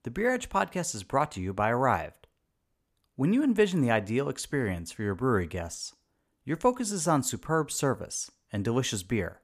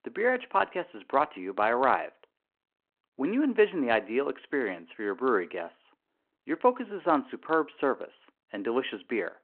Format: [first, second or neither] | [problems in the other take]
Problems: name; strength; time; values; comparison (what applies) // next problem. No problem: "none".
first | phone-call audio